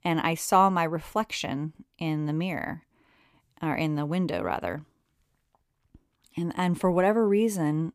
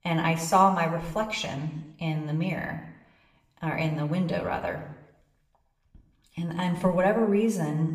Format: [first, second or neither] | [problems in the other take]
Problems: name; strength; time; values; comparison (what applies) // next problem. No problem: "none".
first | room echo; slight; dies away in 0.7 s // off-mic speech; somewhat distant